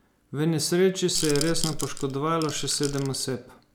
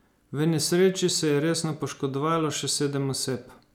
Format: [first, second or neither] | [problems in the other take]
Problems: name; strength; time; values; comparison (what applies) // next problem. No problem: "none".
second | background sound (Rattle / Rattle (instrument)); 6 dB below the speech